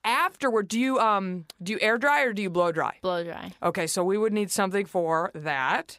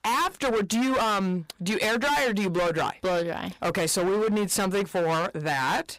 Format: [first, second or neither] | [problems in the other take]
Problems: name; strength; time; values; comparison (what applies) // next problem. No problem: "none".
first | distortion; heavy; 28% of the sound clipped